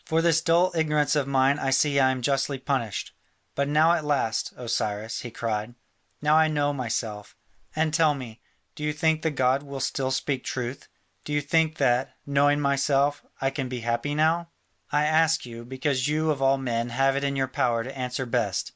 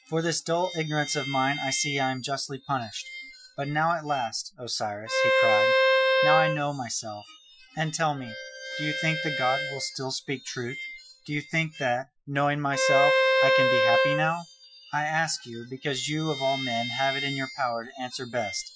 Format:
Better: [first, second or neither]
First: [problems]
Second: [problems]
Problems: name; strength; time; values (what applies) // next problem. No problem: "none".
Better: first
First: none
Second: noise reduction (classical method Wiener filter)